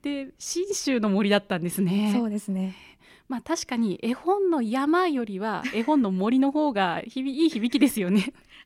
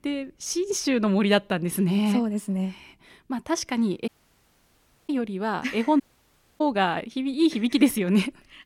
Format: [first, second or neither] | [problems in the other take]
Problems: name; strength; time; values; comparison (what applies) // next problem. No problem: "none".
first | audio cutting out; at 4 s for 1 s and at 6 s for 0.5 s